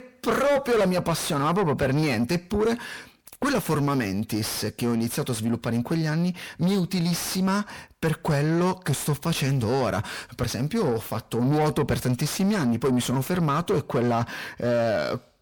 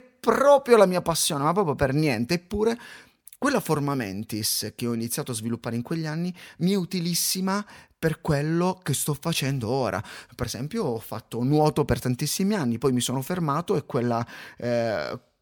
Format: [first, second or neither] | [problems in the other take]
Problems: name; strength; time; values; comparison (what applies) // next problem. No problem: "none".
second | distortion; heavy; 6 dB below the speech